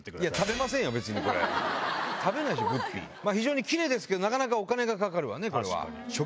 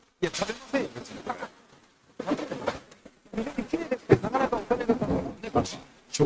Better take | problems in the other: first | noise reduction (neural mask model RNNoise)

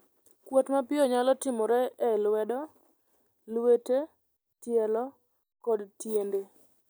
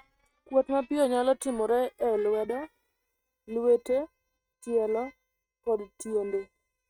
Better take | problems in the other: first | noise reduction (neural mask model RNNoise)

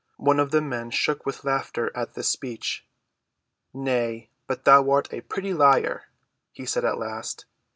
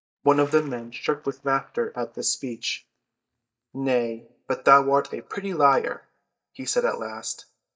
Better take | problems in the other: first | noise reduction (neural mask model DeepFilterNet 3)

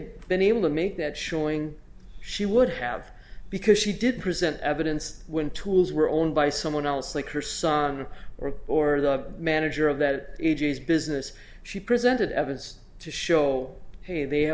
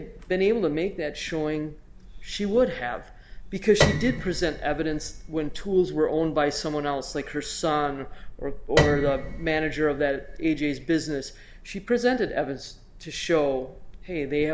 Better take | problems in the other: first | background sound (Piano); 2 dB below the speech

